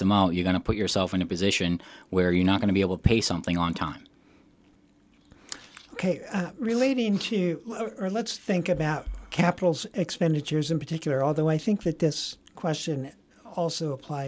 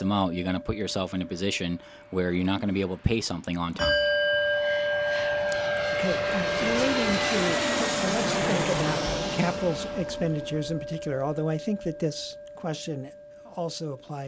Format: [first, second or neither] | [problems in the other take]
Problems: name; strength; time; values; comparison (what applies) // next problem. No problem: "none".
first | background sound (Aircraft + Bell); 1 dB above the speech